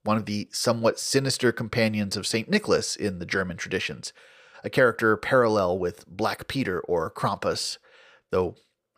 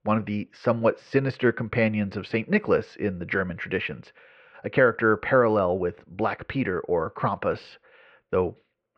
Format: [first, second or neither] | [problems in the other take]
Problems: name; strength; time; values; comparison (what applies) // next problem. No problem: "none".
first | muffled; very; fading above 2.5 kHz